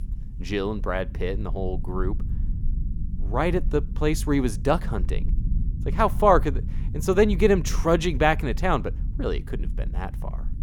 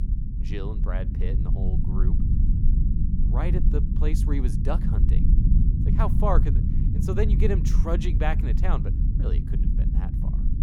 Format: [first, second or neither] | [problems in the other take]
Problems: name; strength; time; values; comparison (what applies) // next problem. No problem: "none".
first | low rumble; loud; throughout; 5 dB below the speech; faint in the first